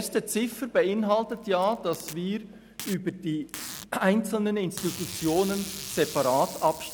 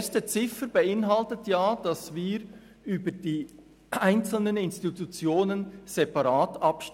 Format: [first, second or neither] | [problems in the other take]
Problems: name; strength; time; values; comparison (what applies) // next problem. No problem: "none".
second | background sound (Packing tape, duct tape); 14 dB below the speech